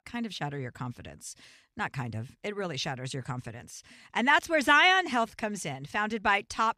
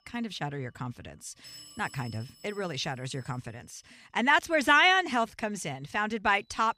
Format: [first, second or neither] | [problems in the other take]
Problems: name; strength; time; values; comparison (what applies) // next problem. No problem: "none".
first | alarms or sirens; faint; throughout; 25 dB below the speech